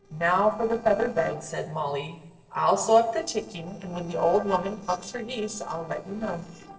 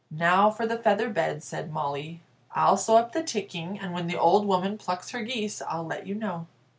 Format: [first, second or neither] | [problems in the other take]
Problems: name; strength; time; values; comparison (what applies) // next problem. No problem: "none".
second | noise reduction (neural separator model SepFormer DNS4)